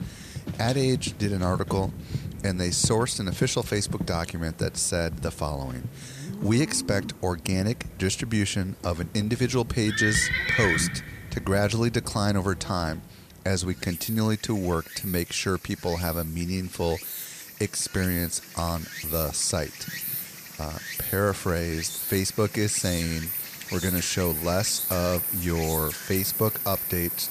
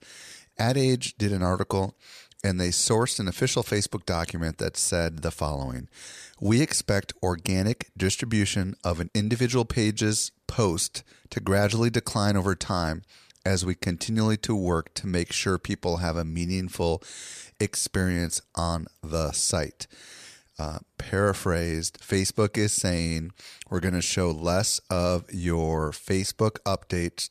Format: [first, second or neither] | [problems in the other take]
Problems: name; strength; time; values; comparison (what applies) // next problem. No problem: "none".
second | animal sounds; loud; throughout; 5 dB below the speech